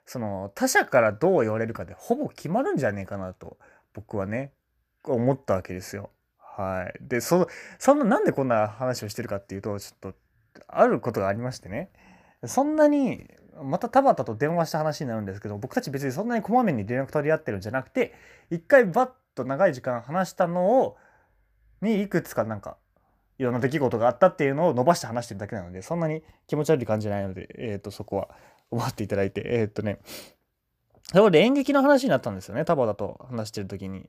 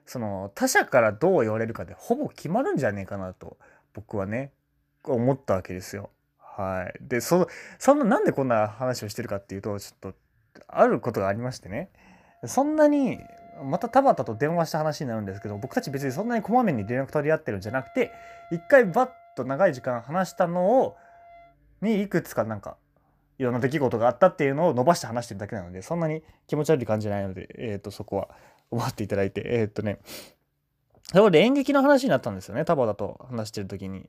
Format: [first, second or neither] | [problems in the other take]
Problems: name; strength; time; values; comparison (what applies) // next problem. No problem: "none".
first | background music; faint; throughout; 25 dB below the speech